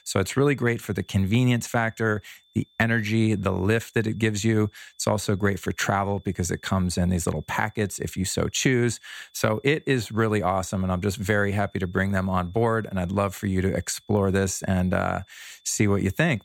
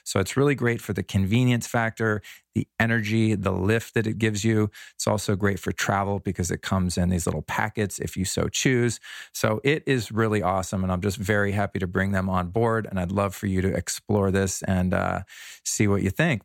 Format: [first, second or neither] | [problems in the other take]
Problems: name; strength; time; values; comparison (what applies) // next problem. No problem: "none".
second | high-pitched whine; faint; throughout; 3.5 kHz, 35 dB below the speech